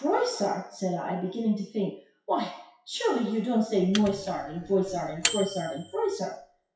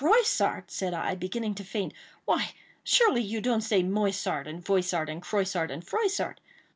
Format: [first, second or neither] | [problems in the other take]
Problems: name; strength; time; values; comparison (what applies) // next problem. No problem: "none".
second | noise reduction (classical method WPE with log-MMSE)